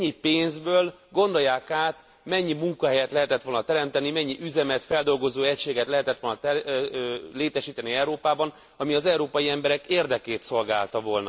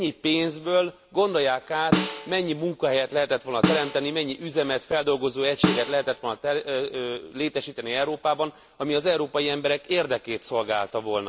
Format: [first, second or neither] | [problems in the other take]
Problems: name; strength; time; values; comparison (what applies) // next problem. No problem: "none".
first | background sound (Snare drum); 4 dB below the speech